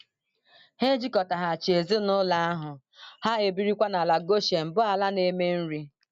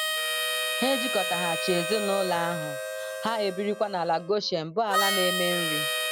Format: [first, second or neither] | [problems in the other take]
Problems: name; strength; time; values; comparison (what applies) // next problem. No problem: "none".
first | background sound (Harmonica); 1 dB below the speech